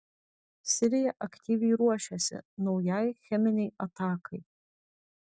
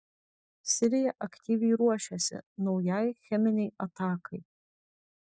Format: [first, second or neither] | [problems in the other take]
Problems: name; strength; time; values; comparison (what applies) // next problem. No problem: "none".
first | noise reduction (neural mask model Resemble Enhance denoiser)